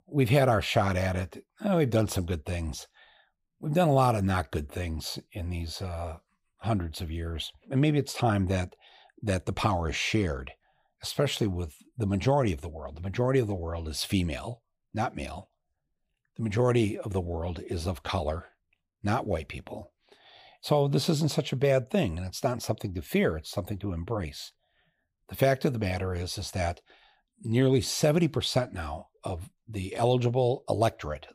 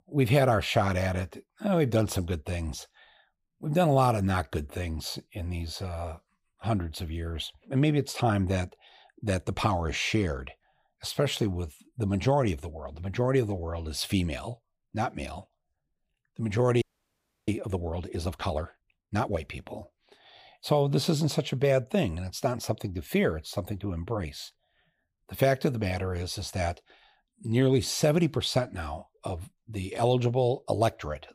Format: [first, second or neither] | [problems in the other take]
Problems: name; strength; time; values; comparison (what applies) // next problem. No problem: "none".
first | audio freezing; at 17 s for 0.5 s